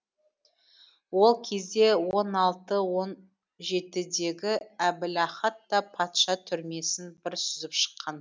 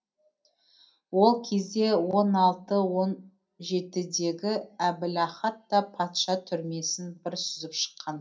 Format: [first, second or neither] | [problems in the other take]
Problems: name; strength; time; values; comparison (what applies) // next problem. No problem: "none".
first | room echo; dies away in 0.3 s